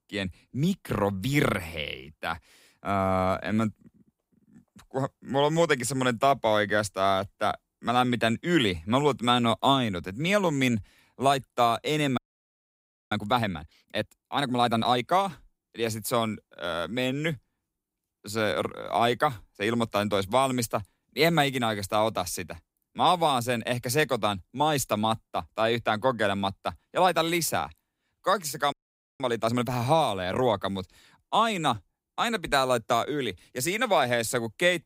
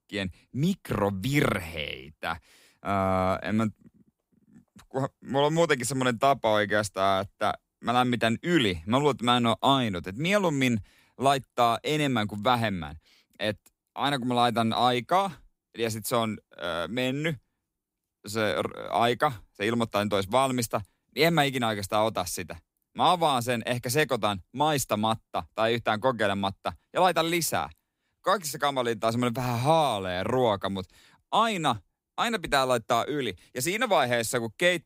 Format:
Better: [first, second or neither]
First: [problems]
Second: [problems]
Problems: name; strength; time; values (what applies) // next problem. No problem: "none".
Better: second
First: audio freezing; at 12 s for 1 s and at 29 s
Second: none